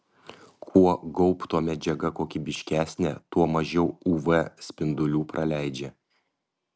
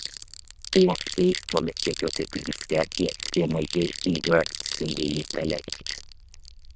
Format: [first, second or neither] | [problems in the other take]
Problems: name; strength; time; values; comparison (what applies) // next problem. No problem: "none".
first | noise reduction (neural diffusion model UNIVERSE++)